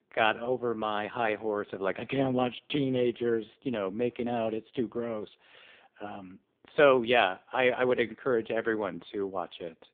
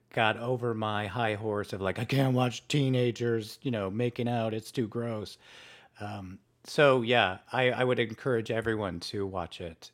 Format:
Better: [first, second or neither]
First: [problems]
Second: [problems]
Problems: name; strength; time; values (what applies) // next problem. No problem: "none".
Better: second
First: phone-call audio; poor line; nothing above 3.5 kHz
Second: none